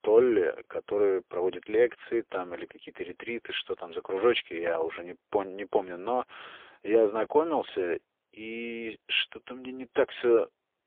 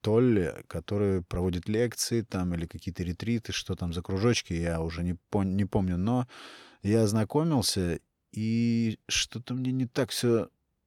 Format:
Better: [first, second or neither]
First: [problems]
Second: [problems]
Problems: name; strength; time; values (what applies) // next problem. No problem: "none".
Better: second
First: phone-call audio; poor line; nothing above 3.5 kHz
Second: none